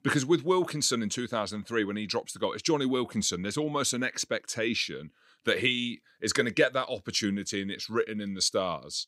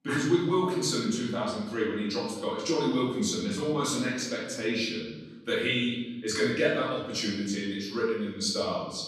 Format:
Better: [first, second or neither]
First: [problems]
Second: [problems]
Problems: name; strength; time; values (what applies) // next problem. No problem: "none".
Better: first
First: none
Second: off-mic speech; far // room echo; noticeable; dies away in 1.1 s